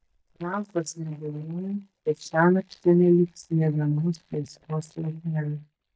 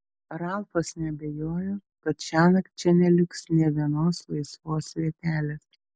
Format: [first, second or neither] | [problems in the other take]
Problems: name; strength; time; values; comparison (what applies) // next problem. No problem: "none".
second | noise reduction (neural mask model DeepFilterNet 3)